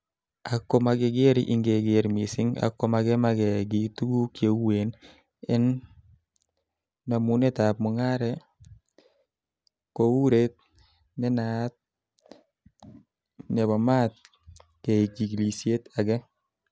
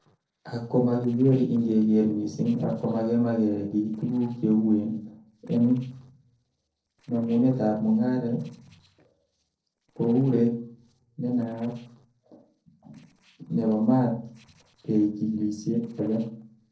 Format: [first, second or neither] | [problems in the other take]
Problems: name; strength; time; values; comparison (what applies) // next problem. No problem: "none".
first | noise reduction (neural separator model SepFormer DNS4)